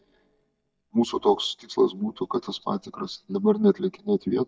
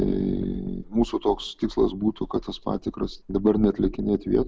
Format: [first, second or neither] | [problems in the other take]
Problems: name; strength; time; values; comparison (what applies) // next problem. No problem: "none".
second | noise reduction (neural mask model DeepFilterNet 3)